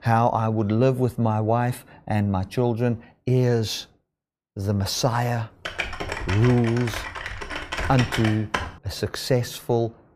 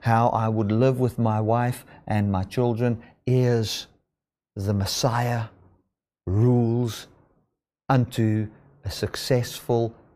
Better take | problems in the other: second | keyboard typing; noticeable; from 5.5 to 8.5 s; peak 4 dB below the speech

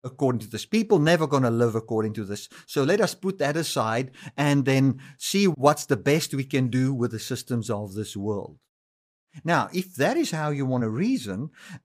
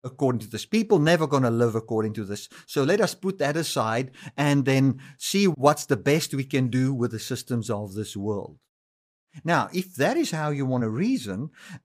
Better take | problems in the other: neither | none

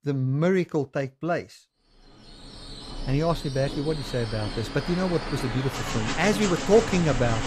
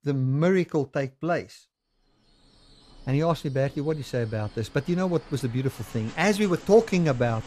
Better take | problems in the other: second | train or aircraft noise; loud; from 2.5 s on; 7 dB below the speech; faint in the second

